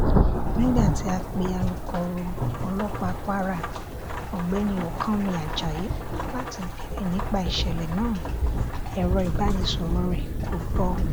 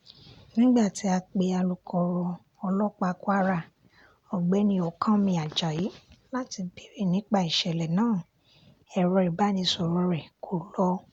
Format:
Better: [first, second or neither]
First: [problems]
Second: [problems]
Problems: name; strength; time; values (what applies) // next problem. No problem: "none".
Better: second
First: background sound (Rain / Thunderstorm); 3 dB above the speech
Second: none